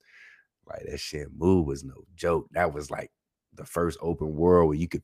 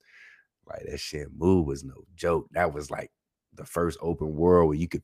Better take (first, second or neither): neither